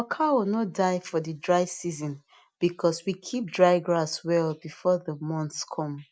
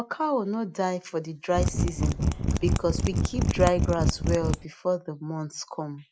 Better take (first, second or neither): first